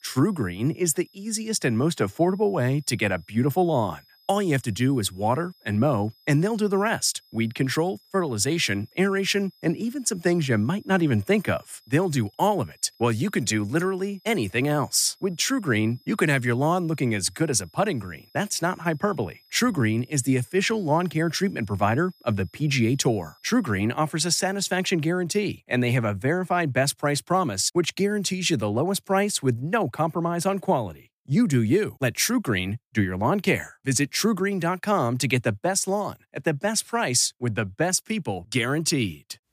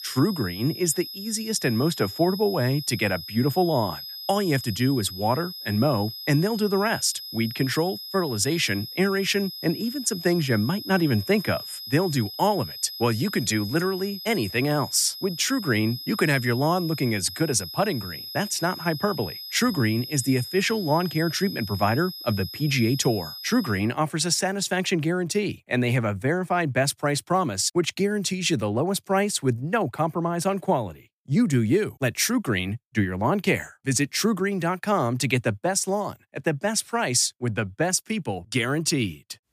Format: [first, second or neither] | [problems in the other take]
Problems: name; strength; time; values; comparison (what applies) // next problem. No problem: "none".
first | high-pitched whine; loud; until 24 s; 5 kHz, 10 dB below the speech; faint in the first